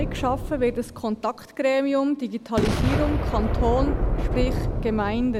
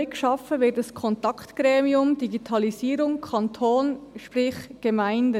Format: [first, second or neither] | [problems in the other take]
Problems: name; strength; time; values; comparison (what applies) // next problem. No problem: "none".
second | background sound (Boom); 1 dB below the speech